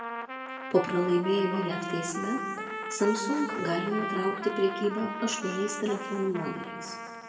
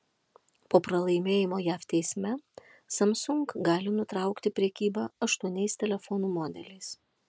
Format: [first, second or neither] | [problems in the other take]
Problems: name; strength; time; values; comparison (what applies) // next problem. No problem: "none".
second | background sound (Trumpet); 6 dB below the speech // room echo; dies away in 1.6 s